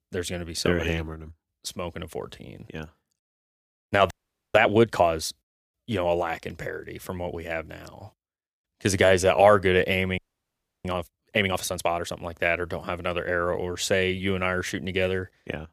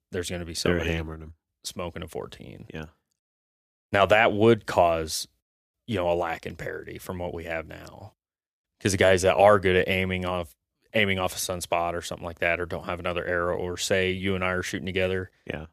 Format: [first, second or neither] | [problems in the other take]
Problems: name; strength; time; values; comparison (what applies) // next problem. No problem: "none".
second | audio freezing; at 4 s and at 10 s for 0.5 s